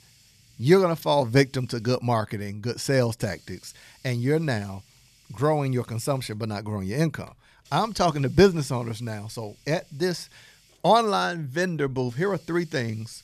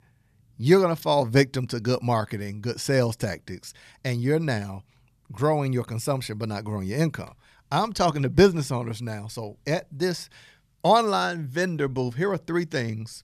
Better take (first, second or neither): second